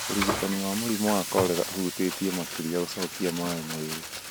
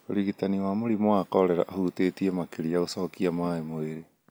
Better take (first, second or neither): second